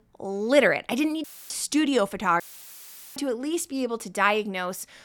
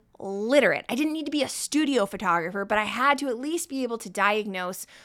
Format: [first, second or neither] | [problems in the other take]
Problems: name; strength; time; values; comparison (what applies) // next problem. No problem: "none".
second | audio cutting out; filled with static; at 1 s and at 2.5 s for 1 s